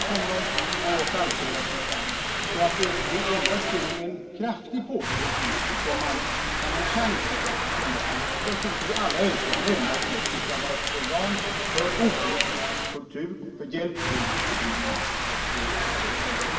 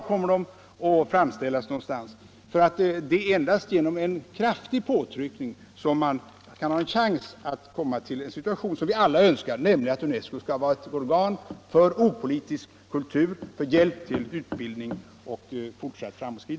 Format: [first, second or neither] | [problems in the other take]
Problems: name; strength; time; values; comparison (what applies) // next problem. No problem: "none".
second | background sound (Rain); 3 dB above the speech // room echo; dies away in 2.7 s